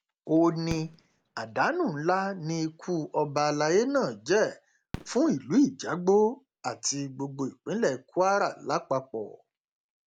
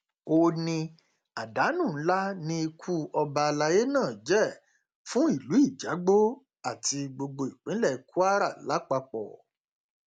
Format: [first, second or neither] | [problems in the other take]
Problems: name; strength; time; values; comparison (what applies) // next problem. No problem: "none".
second | background sound (Fireworks); 20 dB below the speech